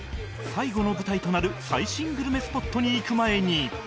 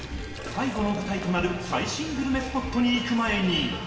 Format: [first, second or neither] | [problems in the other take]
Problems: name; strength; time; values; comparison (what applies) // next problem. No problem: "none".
first | background sound (Liquid); 18 dB below the speech // room echo; dies away in 1.2 s